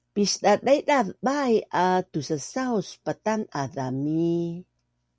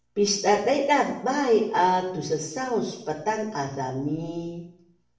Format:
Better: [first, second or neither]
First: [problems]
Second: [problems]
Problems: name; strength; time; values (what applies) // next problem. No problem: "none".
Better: first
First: none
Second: room echo; dies away in 0.6 s